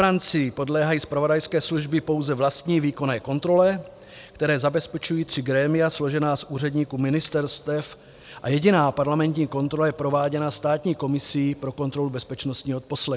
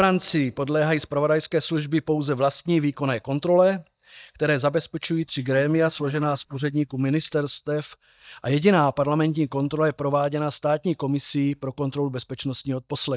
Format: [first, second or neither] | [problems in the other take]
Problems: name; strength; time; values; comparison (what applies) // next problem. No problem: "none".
first | noise reduction (neural mask model DeepFilterNet 3)